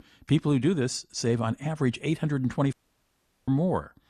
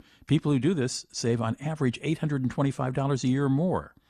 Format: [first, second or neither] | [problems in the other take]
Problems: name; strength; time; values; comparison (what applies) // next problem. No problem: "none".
second | audio cutting out; at 2.5 s for 1 s